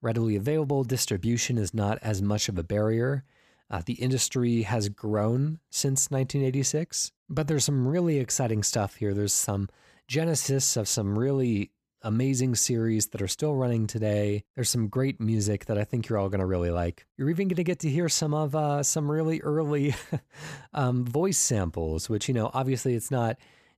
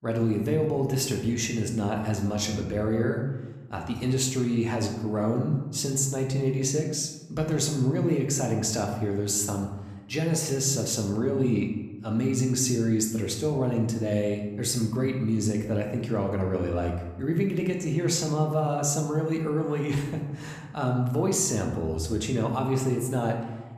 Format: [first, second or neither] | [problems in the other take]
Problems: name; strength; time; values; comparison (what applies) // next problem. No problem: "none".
first | room echo; slight; dies away in 0.9 s // off-mic speech; somewhat distant